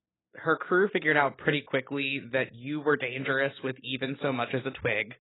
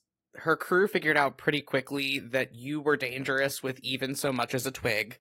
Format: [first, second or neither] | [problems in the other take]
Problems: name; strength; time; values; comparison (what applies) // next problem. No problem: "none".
second | garbled, watery; badly; nothing above 4 kHz; slightly in the second